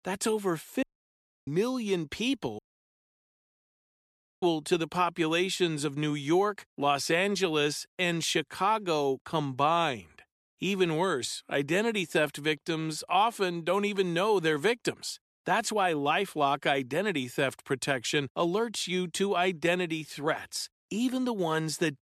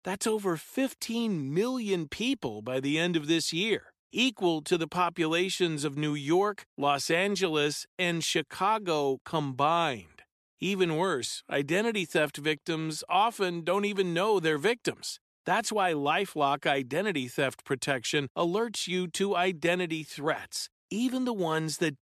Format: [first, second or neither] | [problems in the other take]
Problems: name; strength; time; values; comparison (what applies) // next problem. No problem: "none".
second | audio cutting out; at 1 s for 0.5 s and at 2.5 s for 2 s